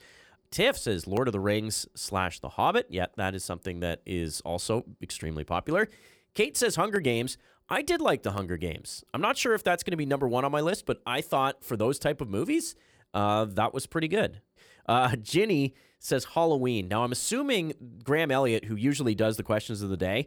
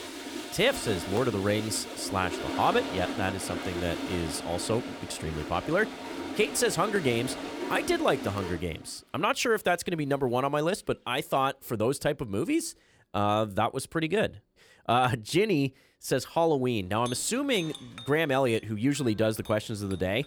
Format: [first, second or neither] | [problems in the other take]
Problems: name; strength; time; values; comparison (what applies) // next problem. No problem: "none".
first | household noises; loud; throughout; 8 dB below the speech